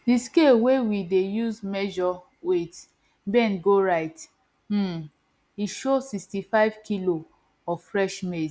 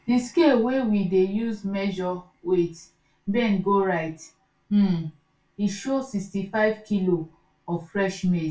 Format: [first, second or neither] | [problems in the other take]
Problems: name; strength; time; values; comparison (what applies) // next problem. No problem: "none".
first | room echo; dies away in 0.2 s